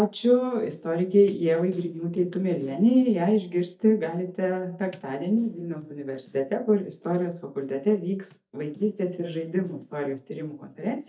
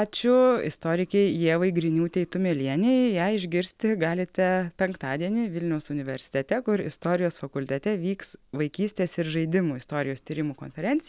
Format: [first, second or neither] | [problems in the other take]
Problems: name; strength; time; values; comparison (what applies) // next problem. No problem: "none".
second | noise reduction (neural mask model DeepFilterNet 3)